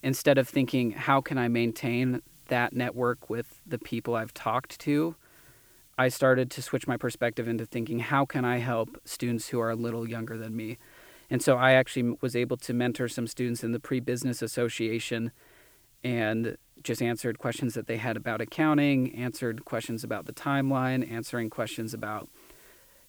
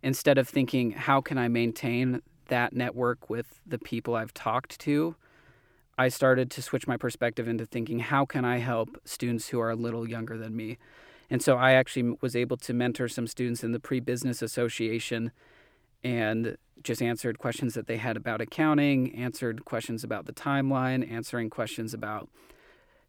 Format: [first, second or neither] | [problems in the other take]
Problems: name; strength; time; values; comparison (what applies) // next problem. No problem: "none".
second | hiss; faint; throughout; 25 dB below the speech